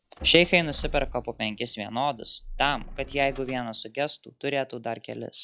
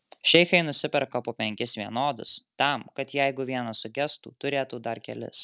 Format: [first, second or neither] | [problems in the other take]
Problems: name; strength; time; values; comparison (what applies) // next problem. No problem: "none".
second | noise reduction (classical method log-MMSE)